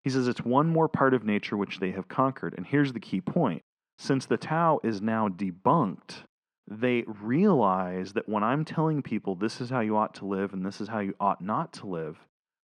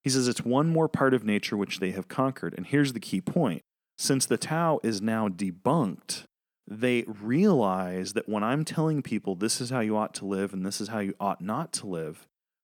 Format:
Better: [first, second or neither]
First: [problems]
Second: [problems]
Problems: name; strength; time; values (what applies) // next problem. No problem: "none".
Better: second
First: muffled; slightly; fading above 3 kHz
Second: none